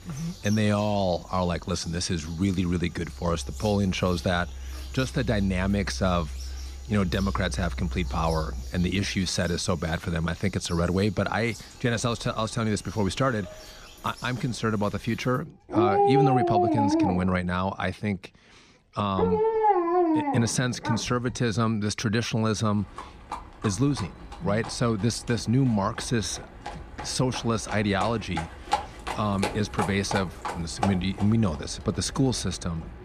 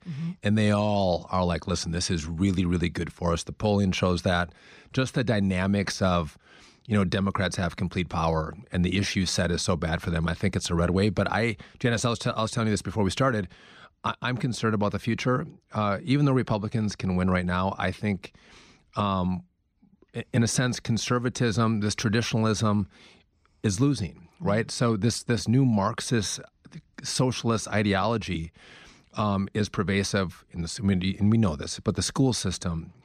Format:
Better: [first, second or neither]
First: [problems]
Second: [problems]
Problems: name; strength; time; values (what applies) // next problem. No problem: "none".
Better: second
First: animal sounds; loud; throughout; 3 dB below the speech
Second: none